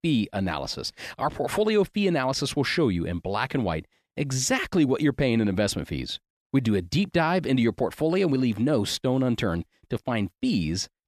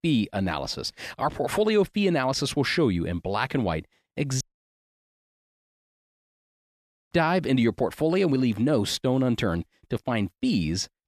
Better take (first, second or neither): first